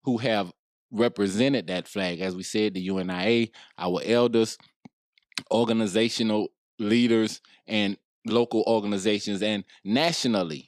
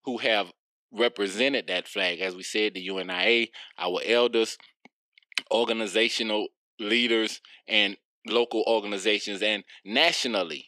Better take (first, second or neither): first